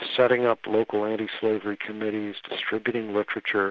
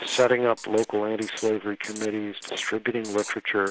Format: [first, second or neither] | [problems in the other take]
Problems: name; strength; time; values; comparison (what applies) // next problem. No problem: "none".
first | background sound (Writing); 16 dB below the speech